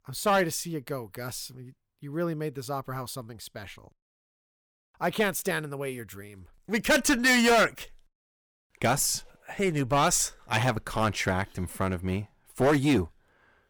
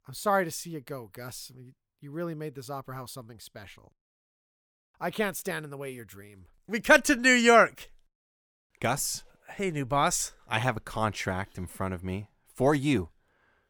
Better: second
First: distortion; heavy; 4% of the sound clipped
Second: none

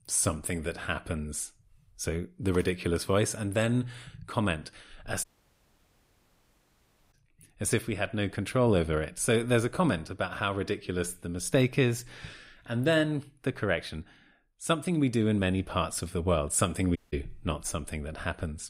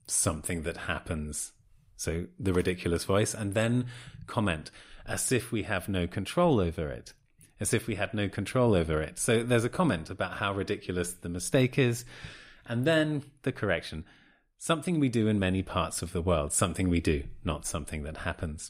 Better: second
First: audio cutting out; at 5 s for 2 s and at 17 s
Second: none

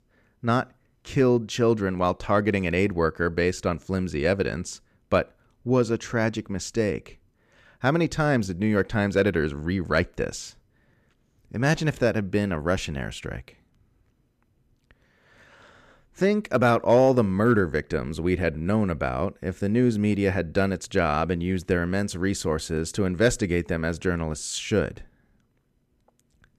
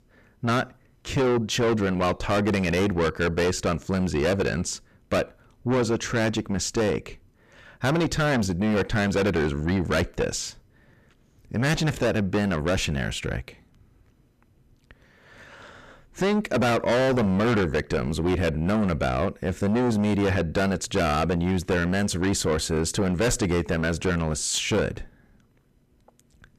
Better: first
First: none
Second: distortion; heavy; 5 dB below the speech

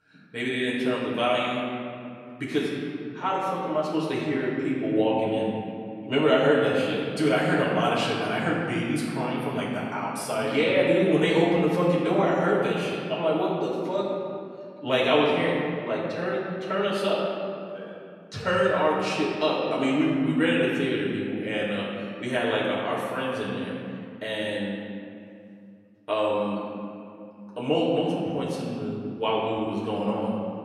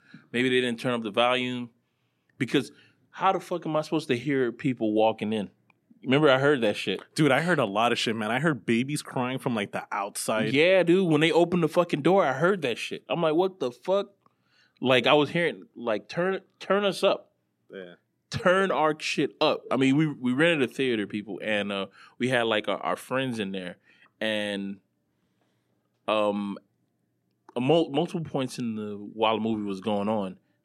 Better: second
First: off-mic speech; far // room echo; noticeable; dies away in 2.2 s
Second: none

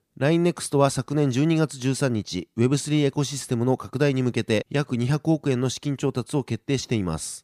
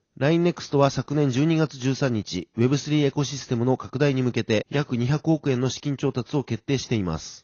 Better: first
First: none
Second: garbled, watery; slightly; nothing above 6.5 kHz

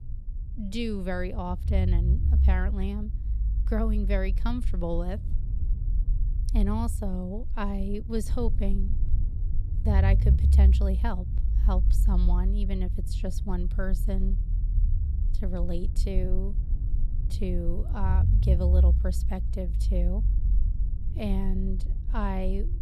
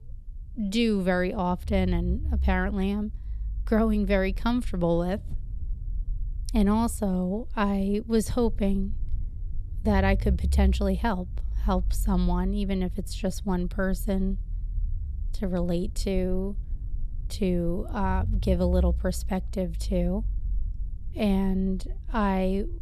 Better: second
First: low rumble; loud; throughout; 9 dB below the speech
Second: low rumble; faint; throughout; 20 dB below the speech

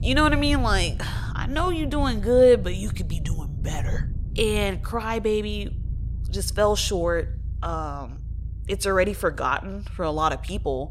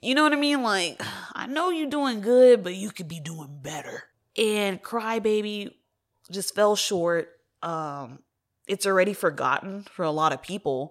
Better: second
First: low rumble; faint; throughout; 25 dB below the speech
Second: none

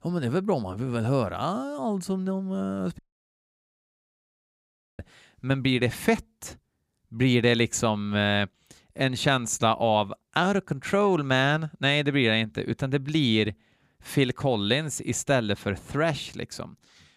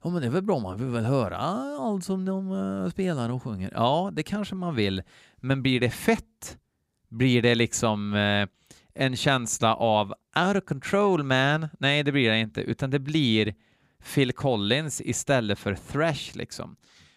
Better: second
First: audio cutting out; at 3 s for 2 s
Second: none

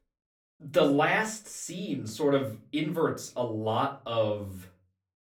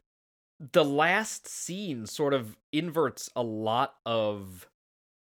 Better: second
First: off-mic speech; far // room echo; very slight; dies away in 0.3 s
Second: none

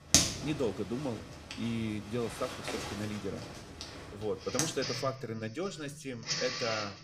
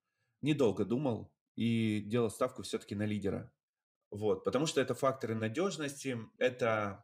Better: second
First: household noises; very loud; throughout; 1 dB above the speech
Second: none

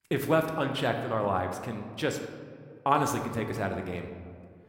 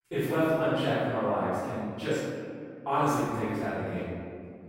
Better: first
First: room echo; slight; dies away in 1.3 s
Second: room echo; strong; dies away in 2.1 s // off-mic speech; far

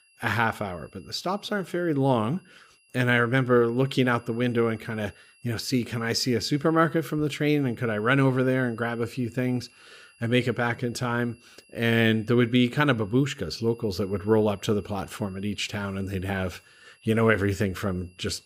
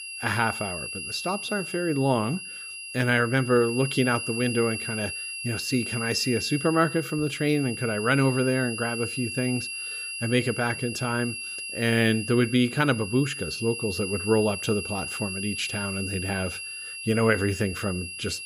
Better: first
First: high-pitched whine; faint; throughout; 2.5 kHz, 30 dB below the speech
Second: high-pitched whine; loud; throughout; 2.5 kHz, 6 dB below the speech

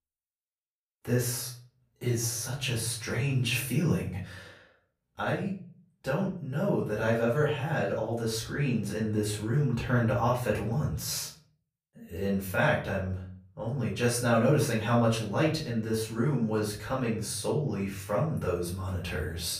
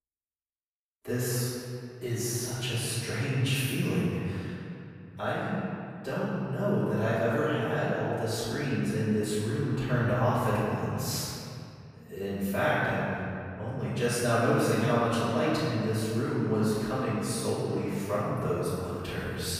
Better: first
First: room echo; slight; dies away in 0.4 s // off-mic speech; far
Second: room echo; strong; dies away in 2.3 s // off-mic speech; far

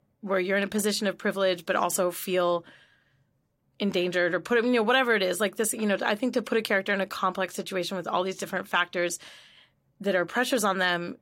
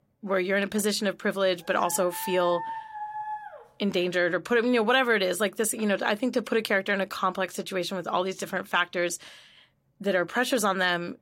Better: first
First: none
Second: dog barking; noticeable; from 1.5 to 3.5 s; peak 9 dB below the speech

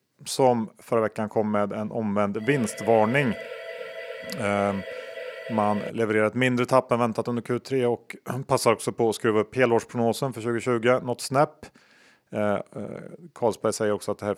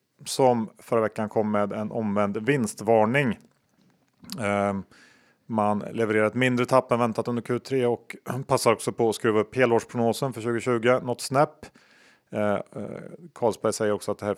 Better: second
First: siren; faint; from 2.5 to 6 s; peak 10 dB below the speech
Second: none

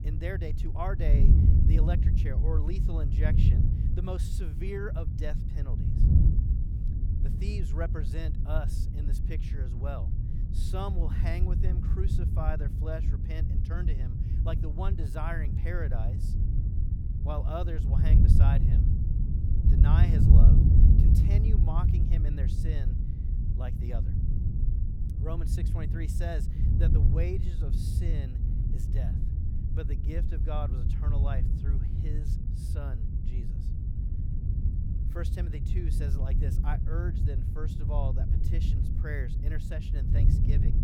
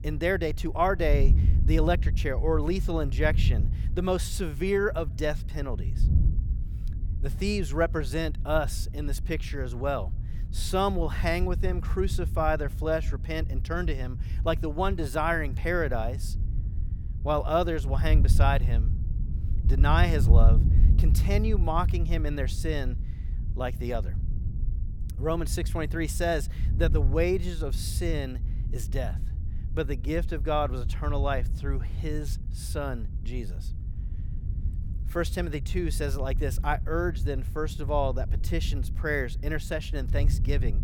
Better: second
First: wind noise on the microphone; heavy; 1 dB below the speech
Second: wind noise on the microphone; occasional gusts; 15 dB below the speech

